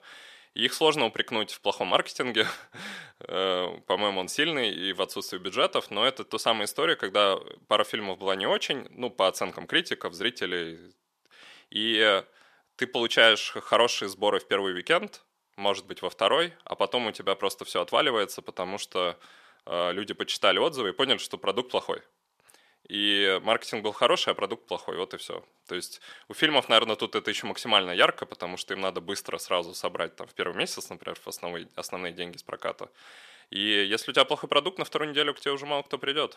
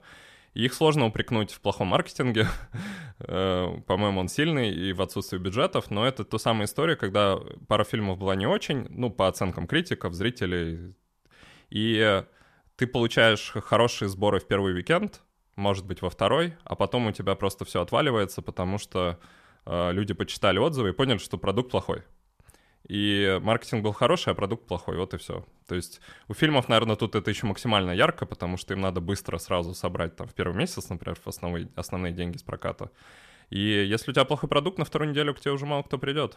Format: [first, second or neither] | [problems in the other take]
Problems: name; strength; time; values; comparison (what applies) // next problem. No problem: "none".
second | thin; somewhat; fading below 350 Hz